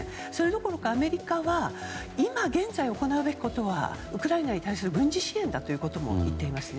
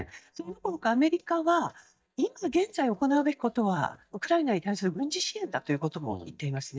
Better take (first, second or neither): first